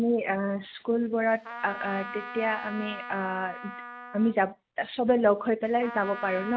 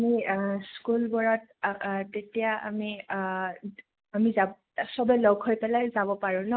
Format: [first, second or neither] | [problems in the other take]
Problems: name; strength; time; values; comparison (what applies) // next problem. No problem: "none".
second | background sound (Trumpet); 14 dB below the speech